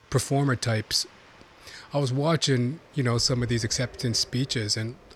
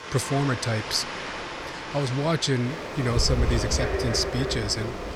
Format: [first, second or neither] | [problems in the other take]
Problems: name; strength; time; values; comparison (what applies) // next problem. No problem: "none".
first | animal sounds; loud; throughout; 4 dB below the speech; faint in the first